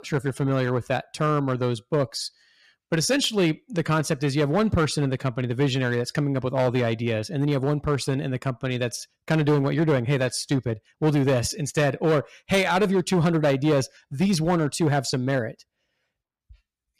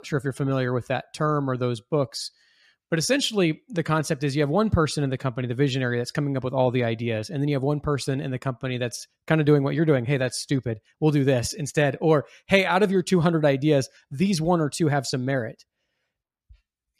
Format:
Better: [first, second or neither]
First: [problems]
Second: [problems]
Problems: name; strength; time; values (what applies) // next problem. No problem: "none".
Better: second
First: distortion; slight; 6% of the sound clipped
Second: none